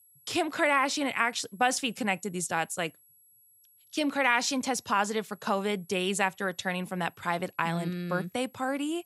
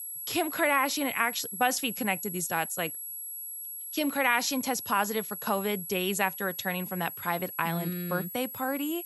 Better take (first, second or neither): first